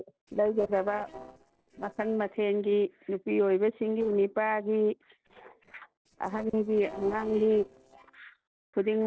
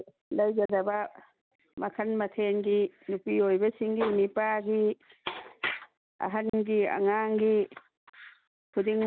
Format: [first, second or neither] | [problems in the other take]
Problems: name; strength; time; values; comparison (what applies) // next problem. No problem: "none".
second | noise reduction (neural separator model SepFormer DNS4)